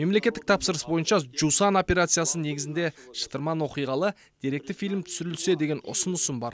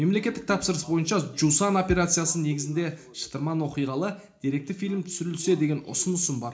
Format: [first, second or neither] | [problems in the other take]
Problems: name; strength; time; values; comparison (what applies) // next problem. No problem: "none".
first | room echo; dies away in 0.4 s